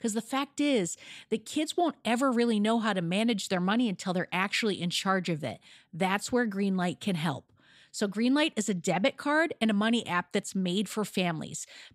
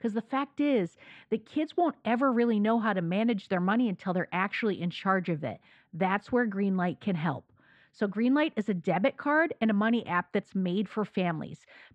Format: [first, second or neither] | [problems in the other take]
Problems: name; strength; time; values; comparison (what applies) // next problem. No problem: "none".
first | muffled; very; fading above 1.5 kHz